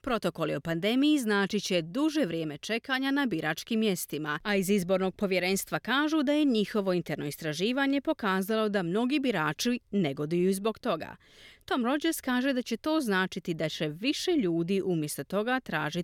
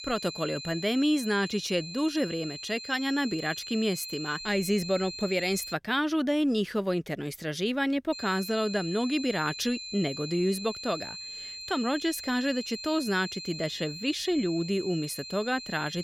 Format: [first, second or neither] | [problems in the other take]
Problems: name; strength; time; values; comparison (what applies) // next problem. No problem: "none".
first | high-pitched whine; loud; until 5.5 s and from 8 s on; 4 kHz, 9 dB below the speech